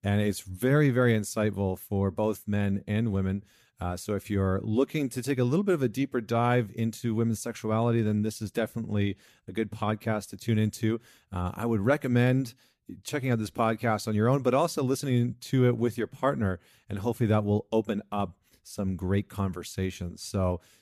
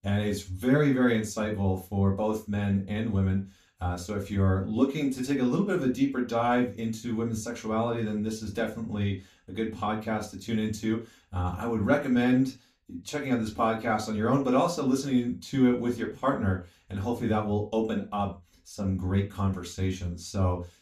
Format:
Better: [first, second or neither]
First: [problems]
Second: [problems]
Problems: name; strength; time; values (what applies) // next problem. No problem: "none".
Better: first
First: none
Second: room echo; very slight; dies away in 0.2 s // off-mic speech; far